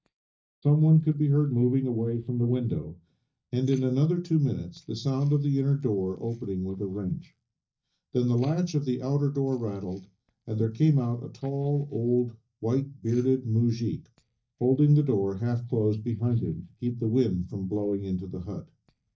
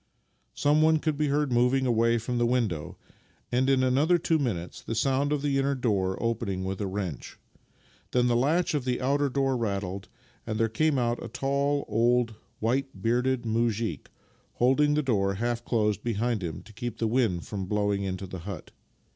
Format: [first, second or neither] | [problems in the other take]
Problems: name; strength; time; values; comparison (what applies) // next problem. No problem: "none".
second | noise reduction (neural mask model DeepFilterNet 3)